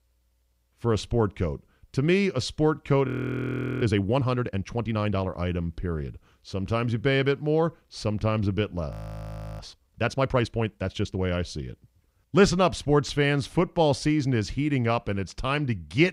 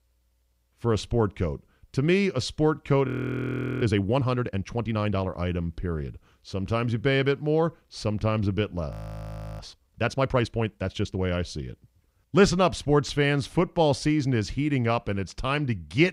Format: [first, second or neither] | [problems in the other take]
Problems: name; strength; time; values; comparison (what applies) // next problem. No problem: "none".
neither | audio freezing; at 3 s for 0.5 s and at 9 s for 0.5 s; the same in both